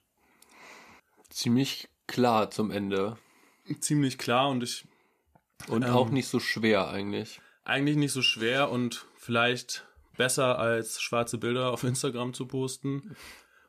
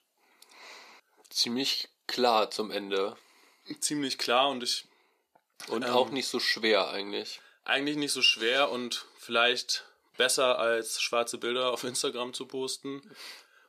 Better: first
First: none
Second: thin; somewhat; fading below 400 Hz

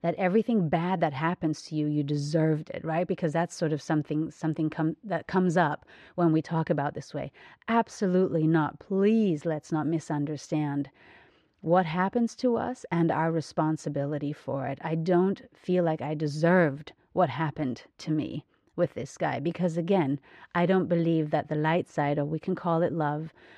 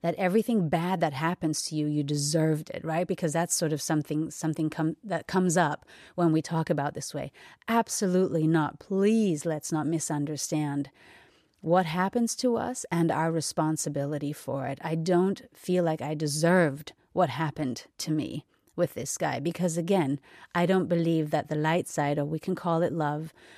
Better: second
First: muffled; slightly; fading above 3 kHz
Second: none

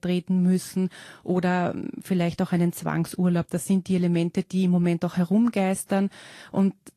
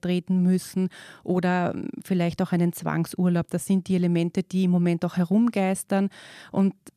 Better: second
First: garbled, watery; slightly; nothing above 13 kHz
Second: none

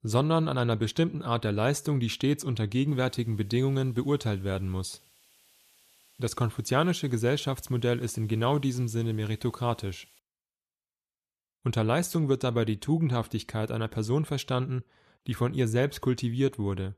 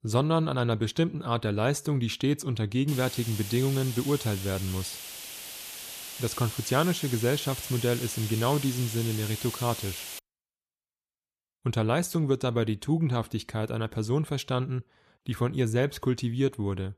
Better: first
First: hiss; faint; from 3 to 10 s; 30 dB below the speech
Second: hiss; loud; from 3 to 10 s; 8 dB below the speech

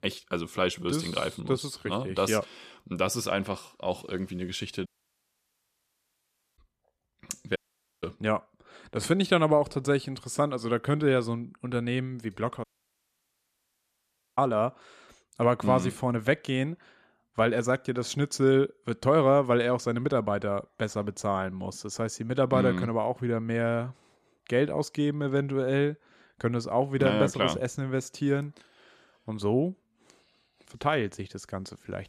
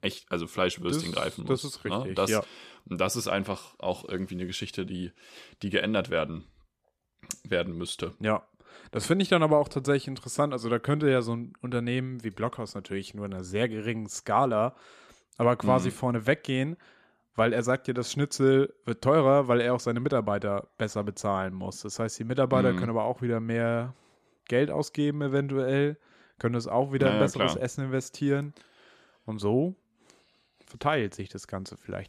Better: second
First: audio cutting out; at 5 s for 1.5 s, at 7.5 s and at 13 s for 1.5 s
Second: none

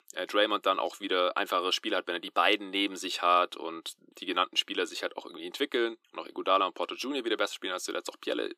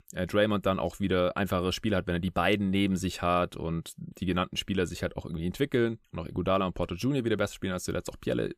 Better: second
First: thin; somewhat; fading below 300 Hz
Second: none

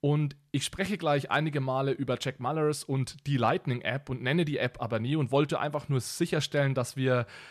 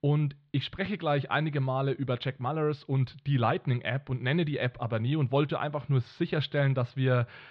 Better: first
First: none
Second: muffled; slightly; fading above 4 kHz

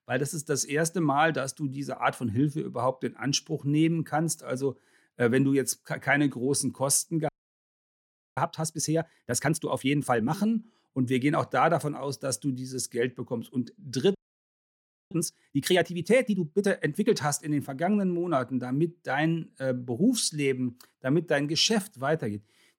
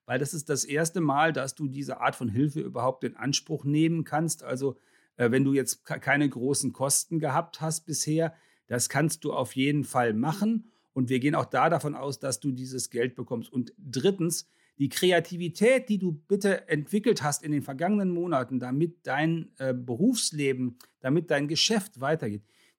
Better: second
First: audio freezing; at 7.5 s for 1 s and at 14 s for 1 s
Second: none

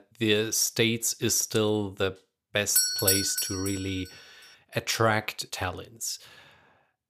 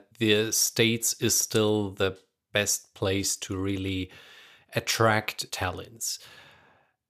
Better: second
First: doorbell; loud; at 3 s; peak 6 dB above the speech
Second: none

